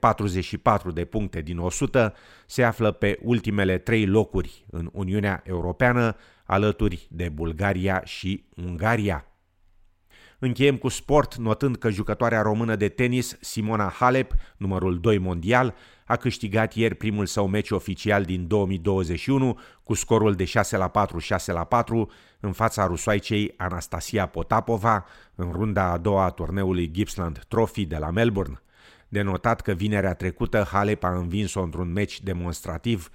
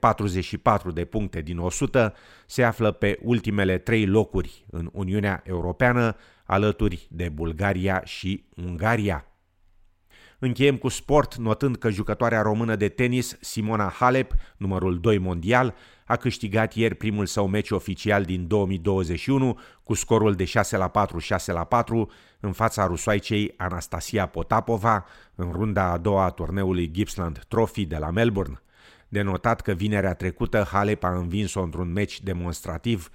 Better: neither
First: none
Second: none

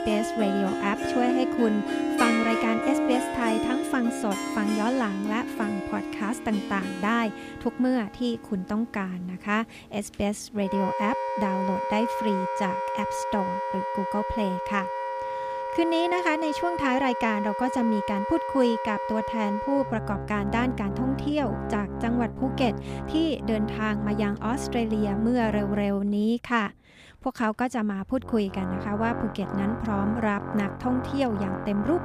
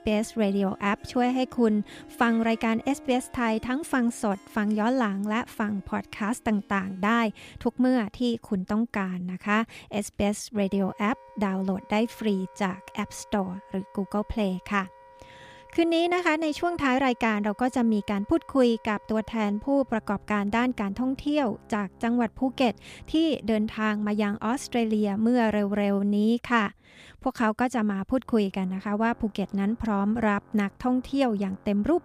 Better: second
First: background music; loud; throughout; 3 dB below the speech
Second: background music; faint; throughout; 25 dB below the speech

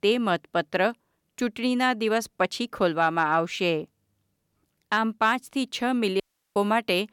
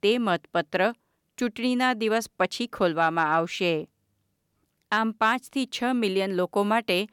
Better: second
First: audio cutting out; at 6 s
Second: none

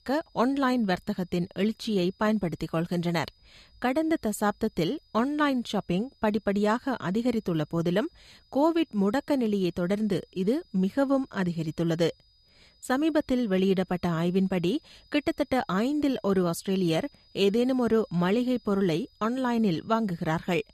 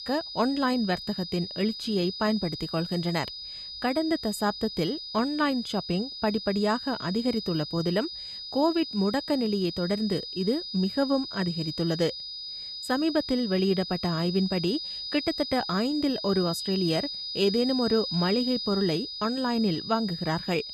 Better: first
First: high-pitched whine; faint; throughout; 5 kHz, 35 dB below the speech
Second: high-pitched whine; loud; throughout; 5 kHz, 6 dB below the speech

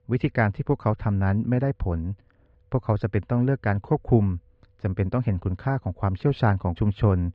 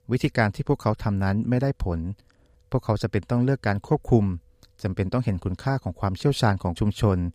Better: second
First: muffled; very; fading above 2.5 kHz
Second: none

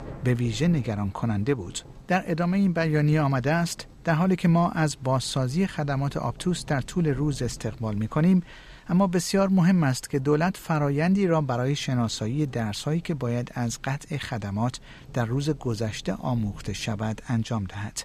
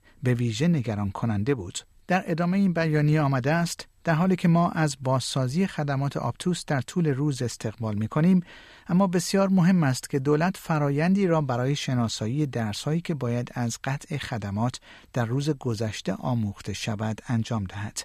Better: second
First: rain or running water; faint; throughout; 20 dB below the speech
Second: none

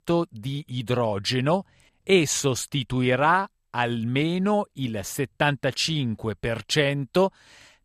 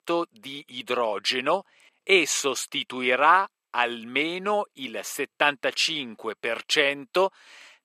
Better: first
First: none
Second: thin; somewhat; fading below 350 Hz

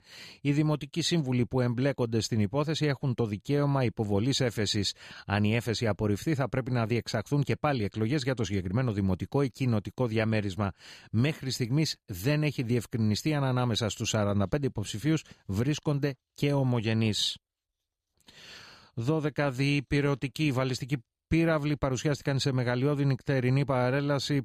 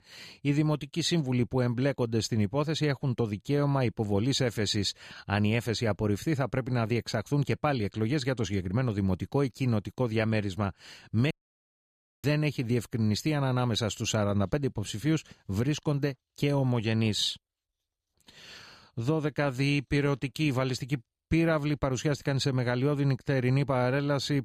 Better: first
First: none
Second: audio cutting out; at 11 s for 1 s

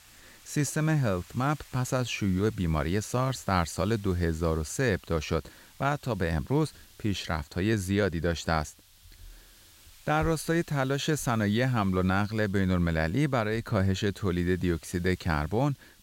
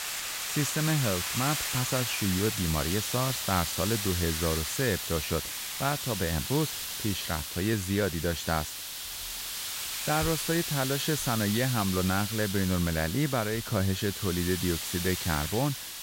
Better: first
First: hiss; faint; throughout; 25 dB below the speech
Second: hiss; loud; throughout; 2 dB below the speech

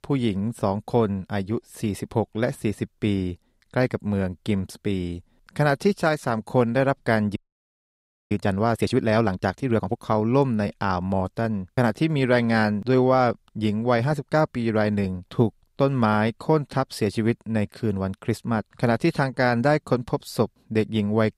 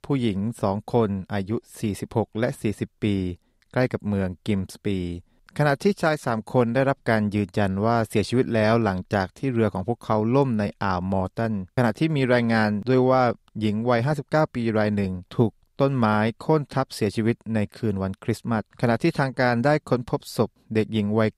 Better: second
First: audio freezing; at 7.5 s for 1 s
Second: none

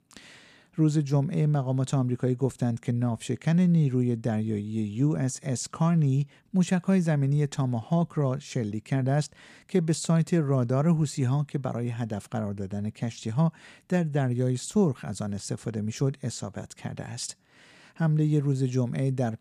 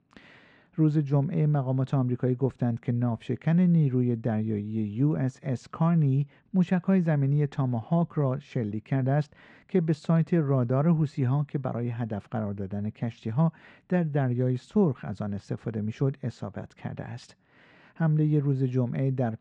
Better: first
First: none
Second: muffled; very; fading above 2.5 kHz

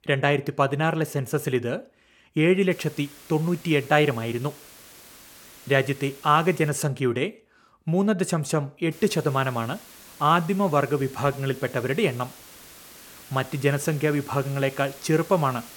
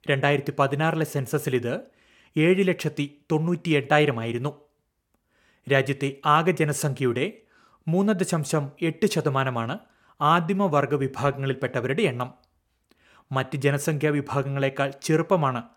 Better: second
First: hiss; faint; from 2.5 to 6.5 s and from 9 s on; 20 dB below the speech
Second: none

